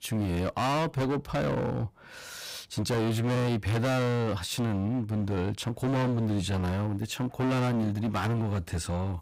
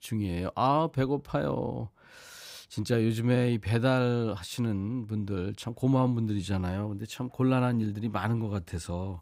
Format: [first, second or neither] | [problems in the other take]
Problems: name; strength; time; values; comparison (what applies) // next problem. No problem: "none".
second | distortion; heavy; 29% of the sound clipped